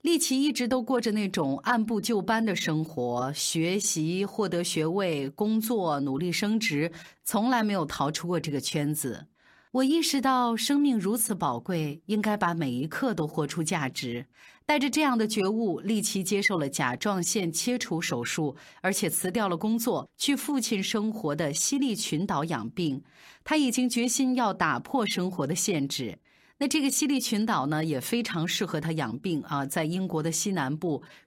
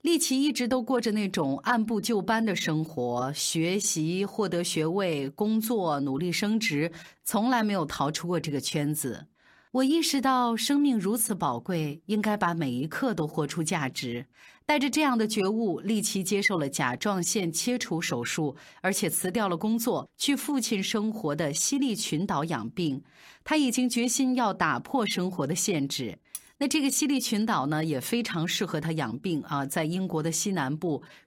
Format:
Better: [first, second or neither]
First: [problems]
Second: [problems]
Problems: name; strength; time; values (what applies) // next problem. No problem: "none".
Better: first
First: none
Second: clattering dishes; very faint; at 26 s; peak 15 dB below the speech